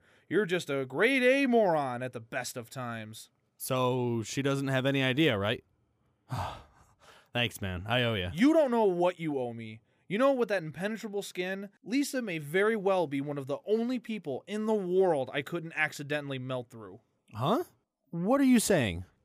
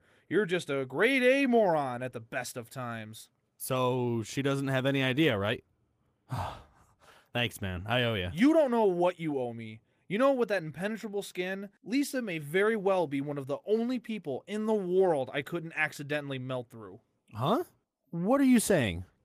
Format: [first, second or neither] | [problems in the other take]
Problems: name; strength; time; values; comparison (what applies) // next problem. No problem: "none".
first | garbled, watery; slightly; nothing above 15 kHz